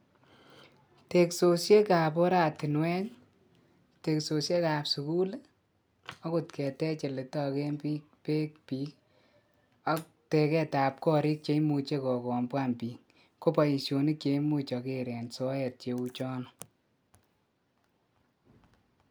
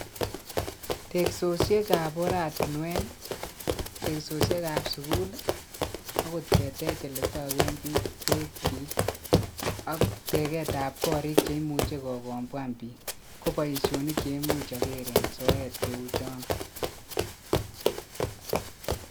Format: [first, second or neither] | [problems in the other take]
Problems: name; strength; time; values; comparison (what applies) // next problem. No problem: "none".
first | background sound (Run); 3 dB above the speech